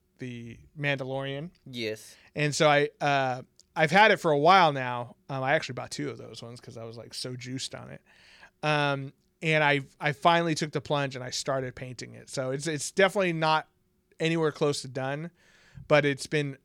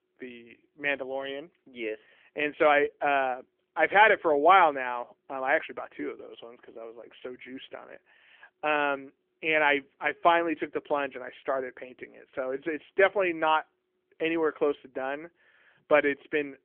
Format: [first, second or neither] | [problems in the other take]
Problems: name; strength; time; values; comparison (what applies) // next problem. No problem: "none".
first | phone-call audio; nothing above 3 kHz